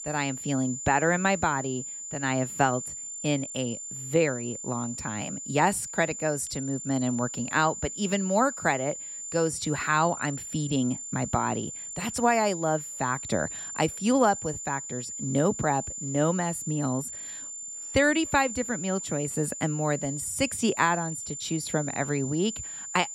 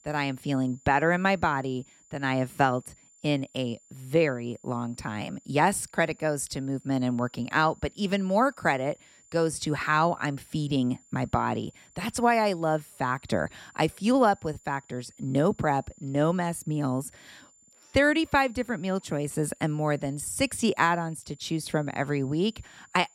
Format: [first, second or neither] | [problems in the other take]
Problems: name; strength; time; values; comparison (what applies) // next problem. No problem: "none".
second | high-pitched whine; loud; throughout; 7 kHz, 7 dB below the speech; faint in the second